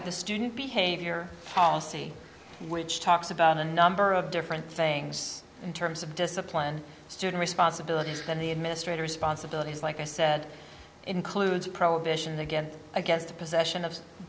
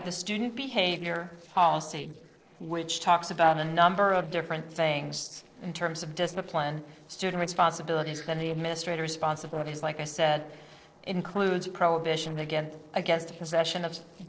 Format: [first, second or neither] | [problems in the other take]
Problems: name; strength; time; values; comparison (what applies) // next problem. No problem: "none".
first | noise reduction (neural separator model SepFormer DNS4)